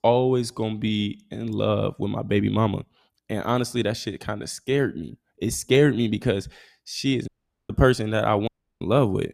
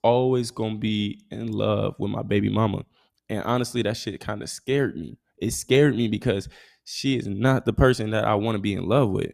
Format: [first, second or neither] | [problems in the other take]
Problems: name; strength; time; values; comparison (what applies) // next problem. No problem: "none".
second | audio cutting out; at 7.5 s and at 8.5 s